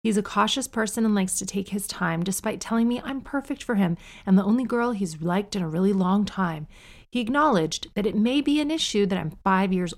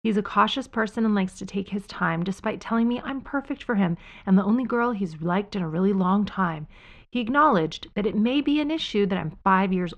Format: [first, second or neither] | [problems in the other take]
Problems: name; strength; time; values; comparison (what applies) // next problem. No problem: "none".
first | muffled; slightly; fading above 2.5 kHz